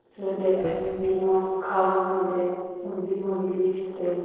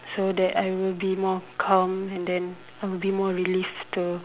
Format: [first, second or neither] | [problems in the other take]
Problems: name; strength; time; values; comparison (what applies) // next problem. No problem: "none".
second | noise reduction (neural separator model SepFormer DNS4)